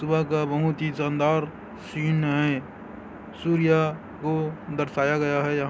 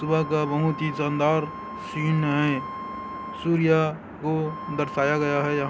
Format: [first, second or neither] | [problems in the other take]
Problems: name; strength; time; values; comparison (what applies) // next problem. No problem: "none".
first | background sound (Wind instrument, woodwind instrument); 12 dB below the speech